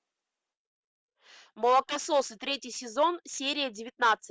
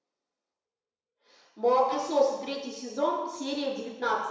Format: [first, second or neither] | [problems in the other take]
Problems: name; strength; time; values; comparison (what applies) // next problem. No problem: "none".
first | room echo; dies away in 1 s